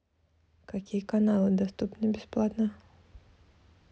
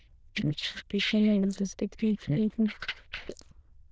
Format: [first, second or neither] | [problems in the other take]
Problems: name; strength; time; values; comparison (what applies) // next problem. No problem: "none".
first | noise reduction (neural diffusion model UNIVERSE++)